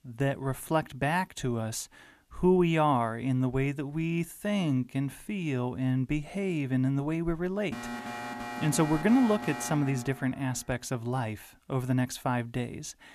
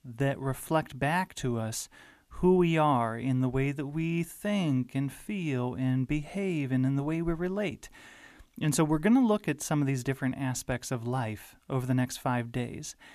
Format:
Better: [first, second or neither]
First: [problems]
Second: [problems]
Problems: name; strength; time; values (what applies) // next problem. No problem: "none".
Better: second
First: alarm; noticeable; from 7.5 to 11 s; peak 8 dB below the speech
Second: none